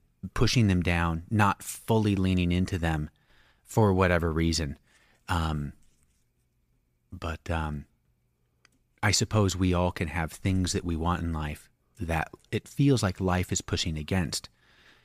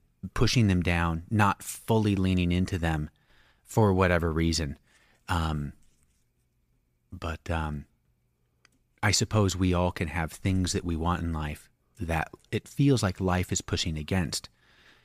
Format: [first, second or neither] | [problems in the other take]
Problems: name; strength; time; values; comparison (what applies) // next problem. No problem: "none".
neither | none